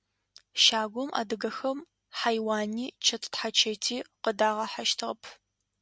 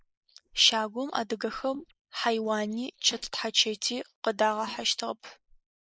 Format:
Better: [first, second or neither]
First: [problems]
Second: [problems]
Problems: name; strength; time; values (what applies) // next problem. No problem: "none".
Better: first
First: none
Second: noise reduction (neural mask model Resemble Enhance denoiser)